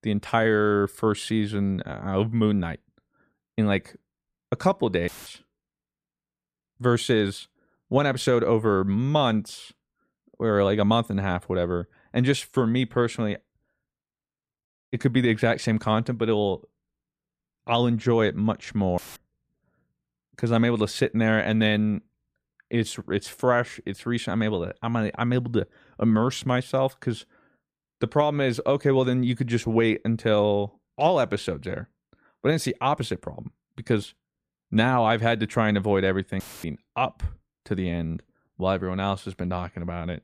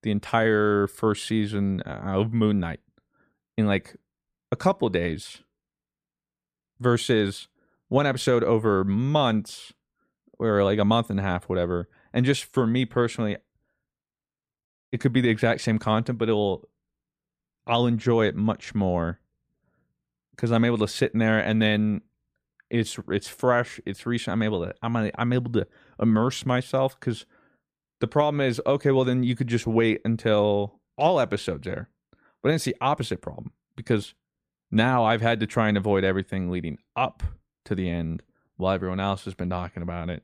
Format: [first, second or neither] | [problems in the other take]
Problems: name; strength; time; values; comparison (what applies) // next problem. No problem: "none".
second | audio cutting out; filled with static; at 5 s, at 19 s and at 36 s